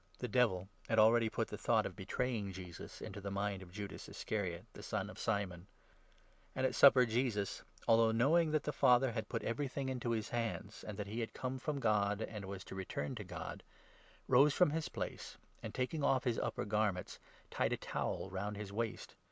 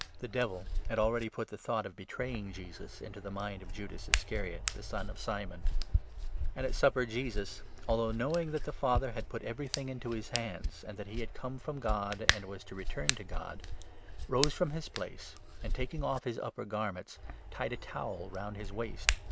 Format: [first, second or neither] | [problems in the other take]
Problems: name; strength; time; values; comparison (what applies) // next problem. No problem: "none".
first | background sound (Hands); as loud as the speech